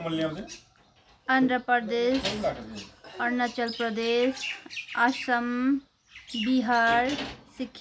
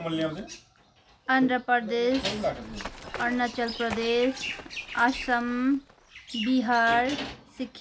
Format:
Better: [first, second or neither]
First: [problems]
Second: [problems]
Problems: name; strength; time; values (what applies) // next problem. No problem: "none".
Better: first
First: none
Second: background sound (Run); 16 dB below the speech